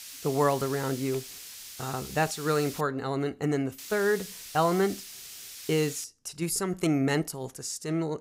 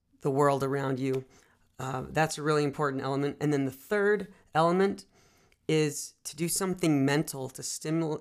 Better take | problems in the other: second | hiss; noticeable; until 3 s and from 4 to 6 s; 10 dB below the speech

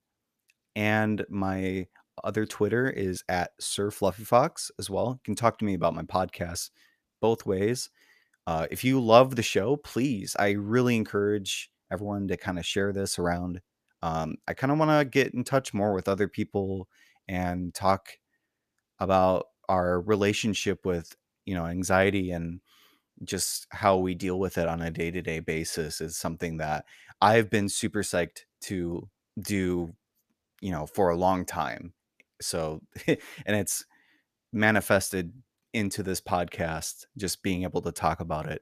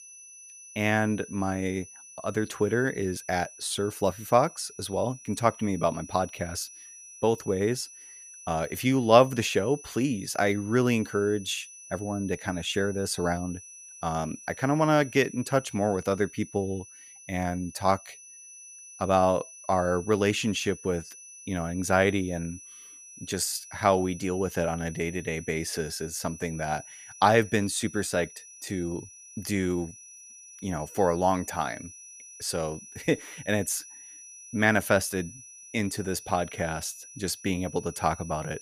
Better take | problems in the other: first | high-pitched whine; noticeable; throughout; 6 kHz, 15 dB below the speech

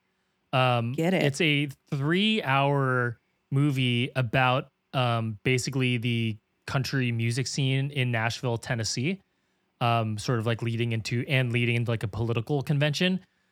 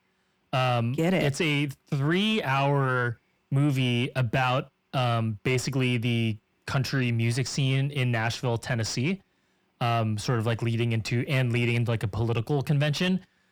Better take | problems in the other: first | distortion; slight; 10 dB below the speech

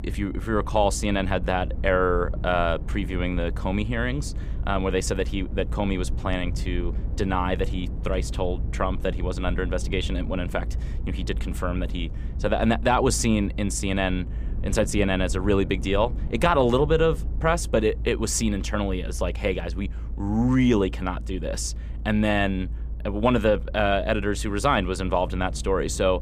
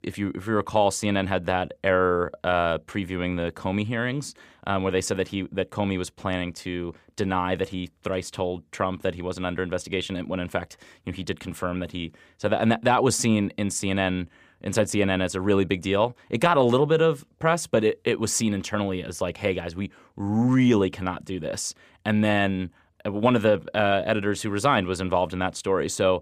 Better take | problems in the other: second | low rumble; faint; throughout; 20 dB below the speech

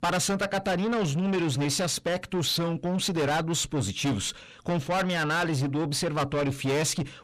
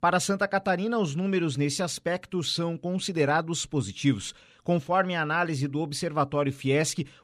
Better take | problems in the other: second | distortion; heavy; 6 dB below the speech

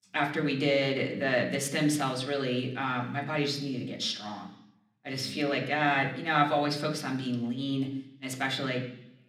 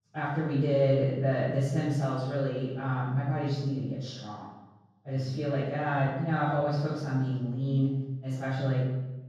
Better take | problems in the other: first | room echo; strong; dies away in 1.3 s; slight in the first // off-mic speech; far

